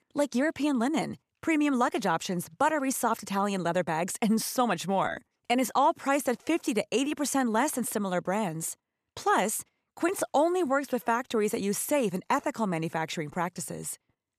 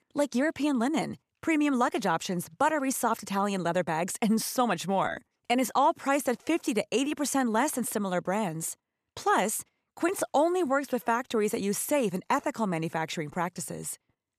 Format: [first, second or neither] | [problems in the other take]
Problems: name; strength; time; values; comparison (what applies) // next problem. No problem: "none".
neither | none